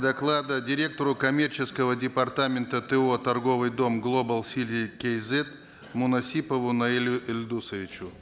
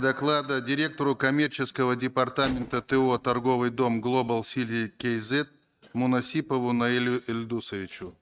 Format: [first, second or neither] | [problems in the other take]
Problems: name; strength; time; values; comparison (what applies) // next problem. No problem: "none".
first | noise reduction (neural mask model RNNoise)